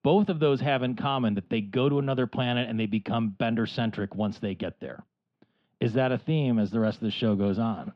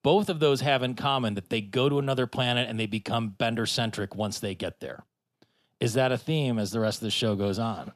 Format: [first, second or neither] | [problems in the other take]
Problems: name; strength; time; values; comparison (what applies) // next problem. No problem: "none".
second | muffled; slightly; fading above 3 kHz